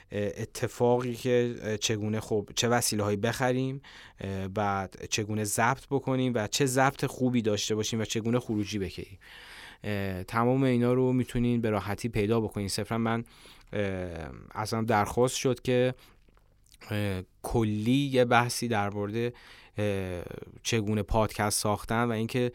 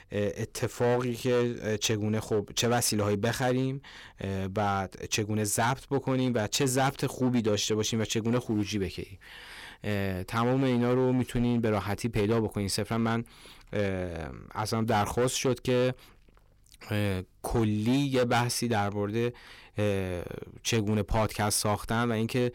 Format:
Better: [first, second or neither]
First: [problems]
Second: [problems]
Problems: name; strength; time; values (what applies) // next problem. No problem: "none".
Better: first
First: none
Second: distortion; slight; 8% of the sound clipped